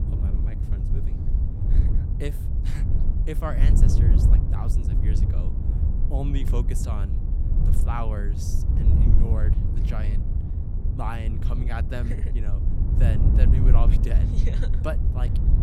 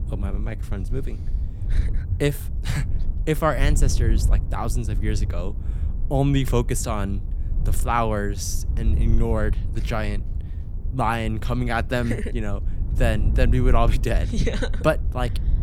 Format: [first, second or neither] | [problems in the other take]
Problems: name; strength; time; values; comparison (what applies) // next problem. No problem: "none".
second | wind noise on the microphone; heavy; 2 dB below the speech; occasional gusts in the second